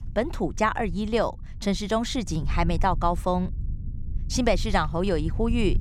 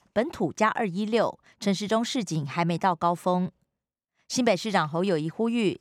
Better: second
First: low rumble; faint; throughout; 25 dB below the speech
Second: none

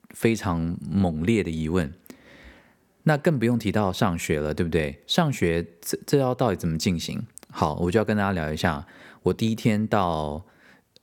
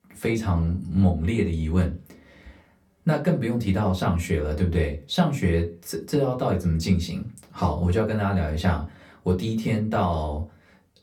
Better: first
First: none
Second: off-mic speech; far // room echo; very slight; dies away in 0.2 s

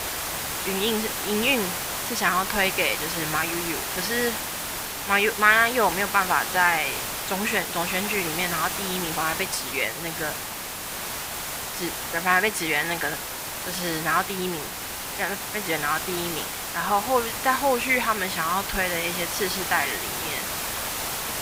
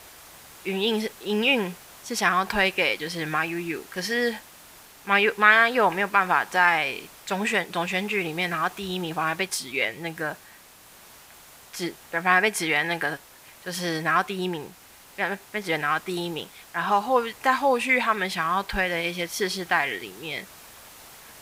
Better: second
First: hiss; loud; throughout; 4 dB below the speech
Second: hiss; faint; throughout; 20 dB below the speech

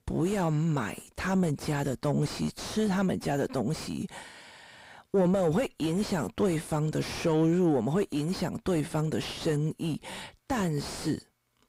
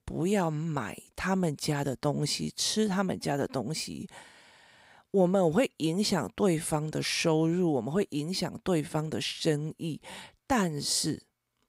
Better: second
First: distortion; heavy; 6 dB below the speech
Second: none

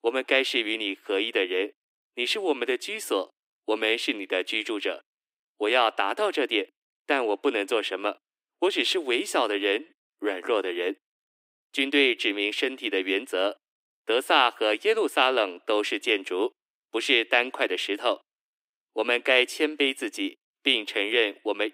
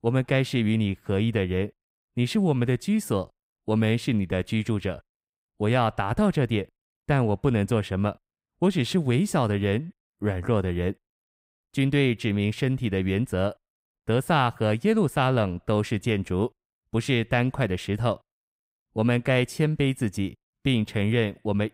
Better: second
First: thin; very; fading below 300 Hz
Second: none

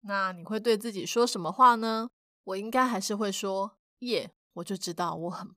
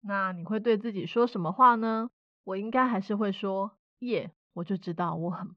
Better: first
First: none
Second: muffled; very; fading above 3 kHz

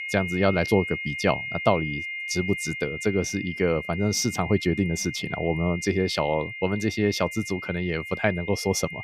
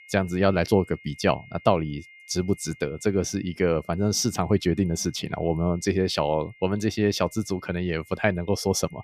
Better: second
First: high-pitched whine; loud; throughout; 2 kHz, 7 dB below the speech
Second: high-pitched whine; faint; throughout; 2 kHz, 25 dB below the speech

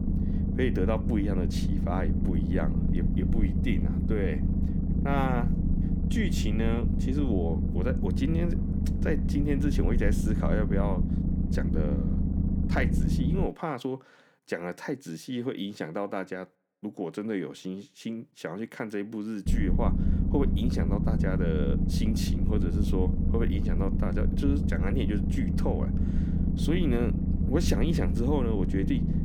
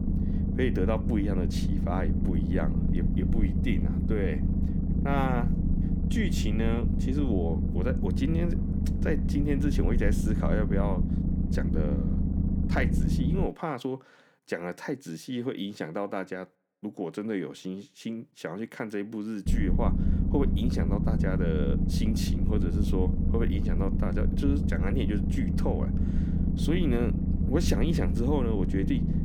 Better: neither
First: low rumble; loud; until 13 s and from 19 s on; 3 dB below the speech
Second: low rumble; loud; until 13 s and from 19 s on; 3 dB below the speech

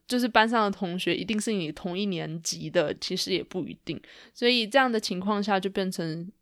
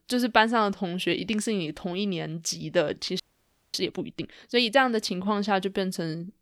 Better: first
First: none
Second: audio freezing; at 3 s for 0.5 s

